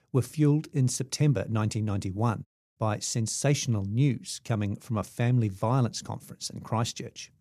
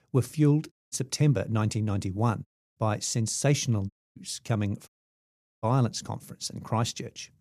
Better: first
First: none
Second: audio cutting out; at 0.5 s, at 4 s and at 5 s for 0.5 s

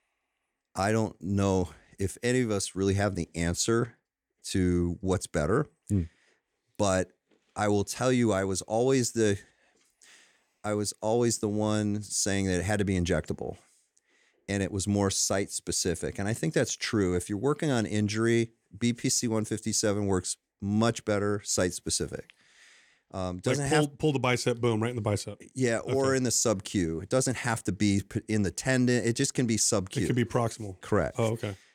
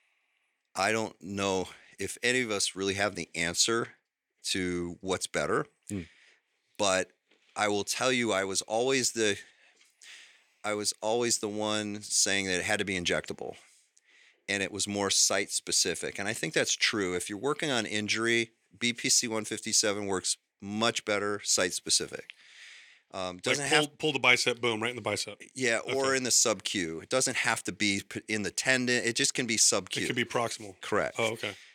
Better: first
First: none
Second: thin; somewhat; fading below 1 kHz

